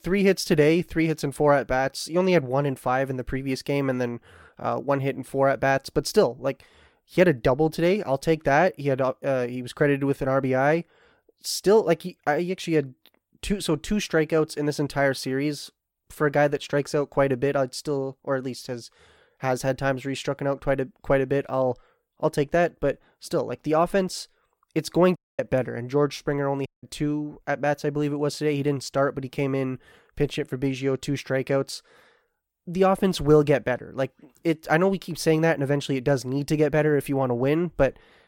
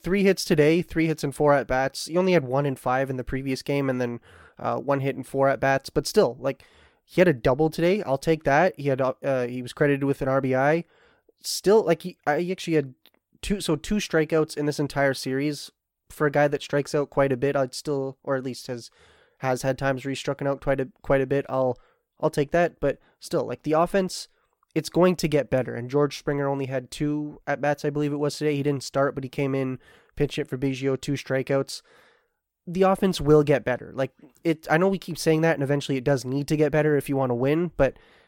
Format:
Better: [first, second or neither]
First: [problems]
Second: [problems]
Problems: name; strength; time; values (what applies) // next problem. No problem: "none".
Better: second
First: audio cutting out; at 25 s and at 27 s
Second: none